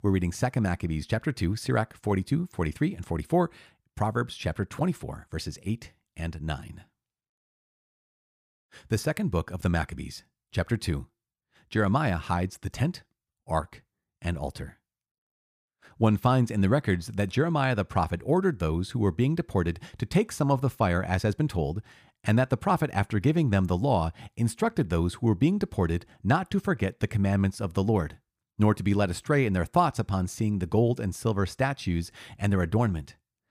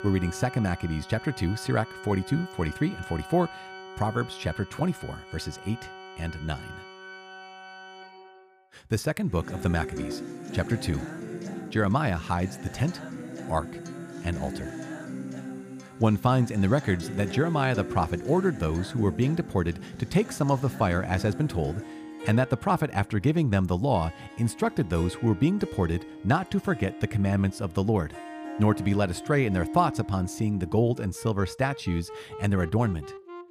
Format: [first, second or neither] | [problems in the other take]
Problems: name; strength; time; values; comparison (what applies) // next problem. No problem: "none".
first | background music; noticeable; throughout; 10 dB below the speech